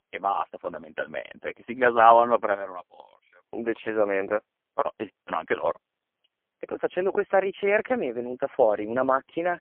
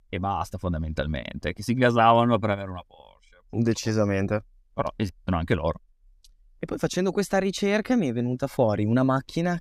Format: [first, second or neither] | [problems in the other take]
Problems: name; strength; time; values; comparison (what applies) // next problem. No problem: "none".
second | phone-call audio; poor line; nothing above 3 kHz